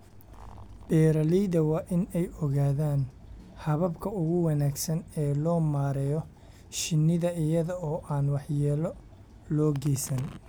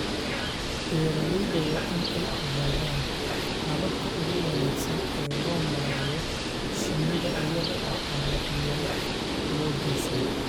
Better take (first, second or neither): first